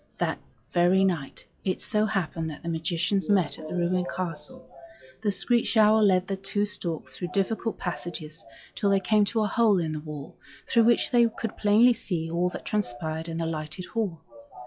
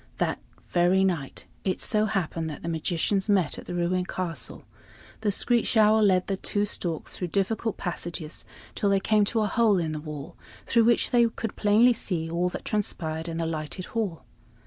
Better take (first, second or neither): second